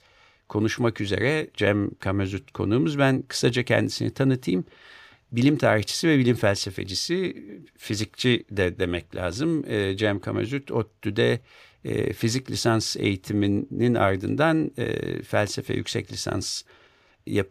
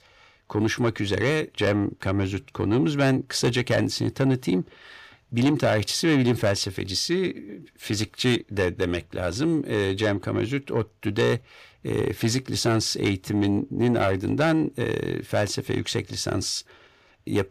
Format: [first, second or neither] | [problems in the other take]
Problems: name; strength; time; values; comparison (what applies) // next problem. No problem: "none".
first | distortion; slight; 10 dB below the speech